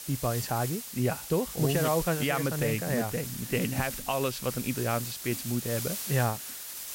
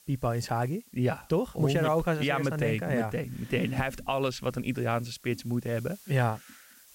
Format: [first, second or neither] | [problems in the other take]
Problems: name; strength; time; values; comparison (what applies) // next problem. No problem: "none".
second | hiss; loud; throughout; 6 dB below the speech; faint in the second